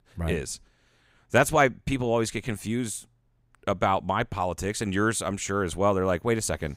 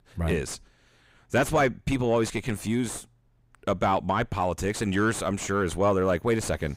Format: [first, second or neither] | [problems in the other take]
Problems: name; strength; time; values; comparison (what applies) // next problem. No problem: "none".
first | distortion; slight; 9 dB below the speech